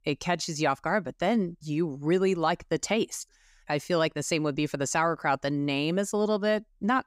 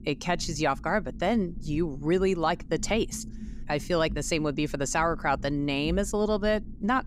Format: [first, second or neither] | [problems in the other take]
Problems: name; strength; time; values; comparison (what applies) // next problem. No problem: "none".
first | low rumble; faint; throughout; 25 dB below the speech